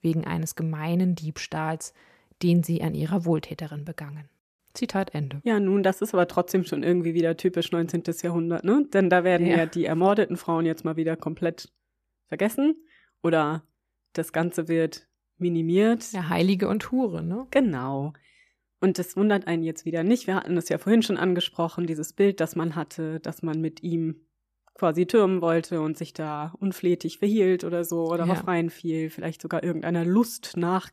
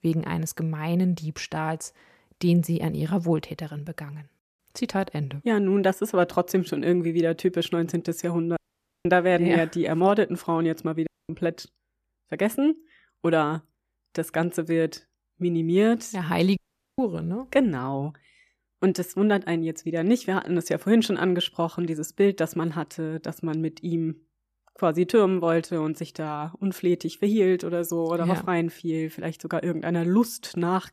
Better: first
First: none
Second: audio cutting out; at 8.5 s, at 11 s and at 17 s

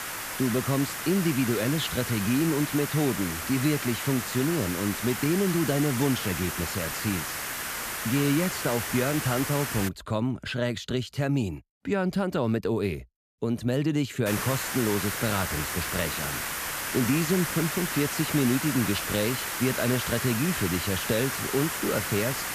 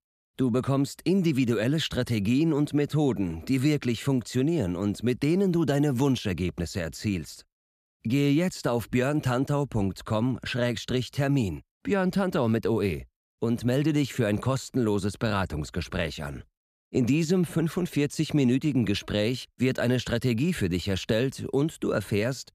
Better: second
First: hiss; loud; until 10 s and from 14 s on; 3 dB below the speech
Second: none

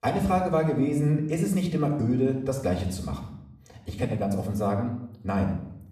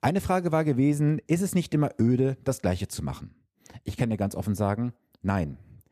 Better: second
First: off-mic speech; somewhat distant // room echo; slight; dies away in 0.6 s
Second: none

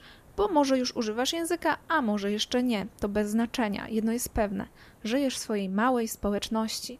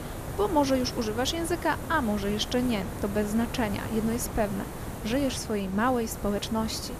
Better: first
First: hiss; faint; throughout; 30 dB below the speech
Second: hiss; loud; throughout; 9 dB below the speech

